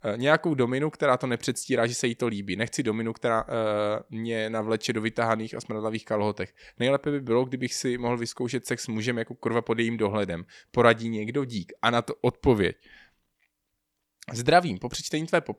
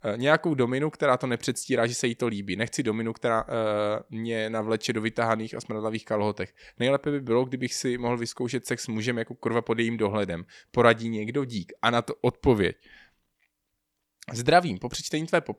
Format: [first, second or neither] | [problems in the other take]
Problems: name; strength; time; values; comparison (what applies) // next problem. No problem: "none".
neither | none